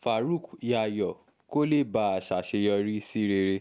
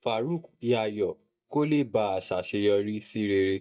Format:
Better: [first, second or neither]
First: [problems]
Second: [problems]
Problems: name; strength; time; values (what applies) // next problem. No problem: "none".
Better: first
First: none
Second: noise reduction (neural mask model DeepFilterNet 3)